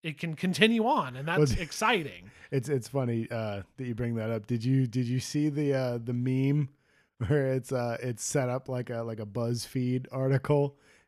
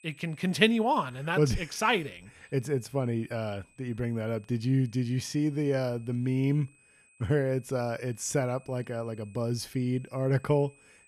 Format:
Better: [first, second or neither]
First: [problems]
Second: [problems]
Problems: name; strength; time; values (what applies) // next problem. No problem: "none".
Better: first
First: none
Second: high-pitched whine; faint; throughout; 2.5 kHz, 30 dB below the speech